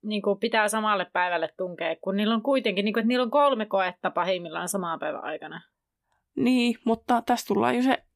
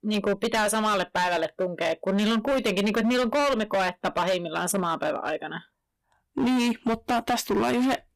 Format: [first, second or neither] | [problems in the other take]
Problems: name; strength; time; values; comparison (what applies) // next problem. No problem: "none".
first | distortion; heavy; 19% of the sound clipped